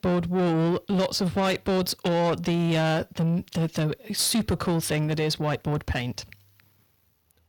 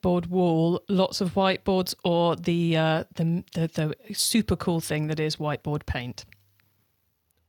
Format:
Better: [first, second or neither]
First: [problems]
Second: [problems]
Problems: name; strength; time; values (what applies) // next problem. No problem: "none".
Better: second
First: distortion; slight; 10 dB below the speech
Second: none